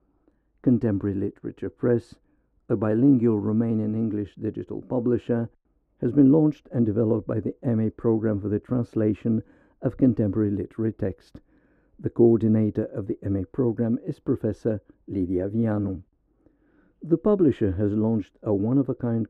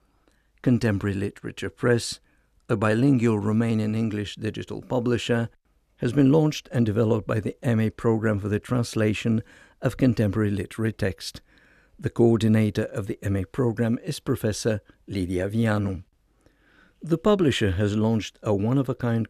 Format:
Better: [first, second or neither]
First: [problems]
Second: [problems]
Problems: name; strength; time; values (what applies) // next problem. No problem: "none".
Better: second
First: muffled; very; fading above 2 kHz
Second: none